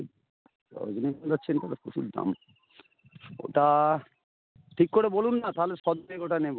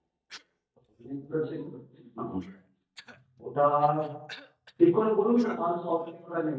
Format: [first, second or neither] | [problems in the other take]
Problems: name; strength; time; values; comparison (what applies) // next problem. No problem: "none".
first | noise reduction (neural mask model DeepFilterNet 3)